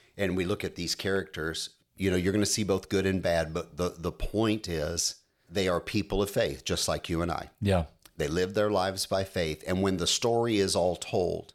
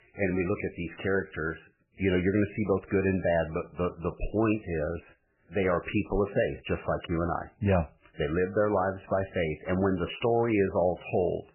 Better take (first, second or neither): first